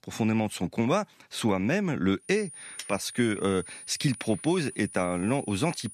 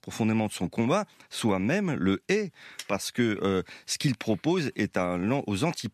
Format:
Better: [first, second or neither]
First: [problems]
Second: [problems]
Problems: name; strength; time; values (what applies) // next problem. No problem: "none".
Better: second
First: high-pitched whine; noticeable; from 2.5 s on; 9.5 kHz, 15 dB below the speech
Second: none